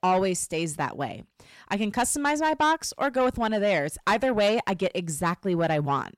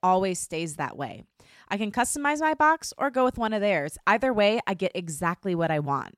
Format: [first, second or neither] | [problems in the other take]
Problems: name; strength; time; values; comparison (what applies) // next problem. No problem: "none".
second | distortion; slight; 10 dB below the speech